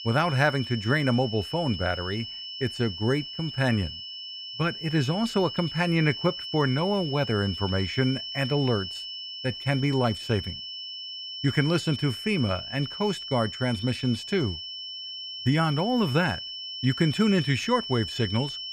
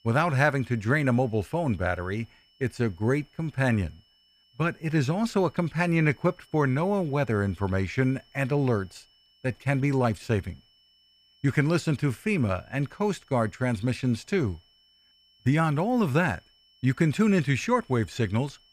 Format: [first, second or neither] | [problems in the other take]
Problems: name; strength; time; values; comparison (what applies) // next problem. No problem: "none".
second | high-pitched whine; loud; throughout; 3 kHz, 8 dB below the speech; faint in the second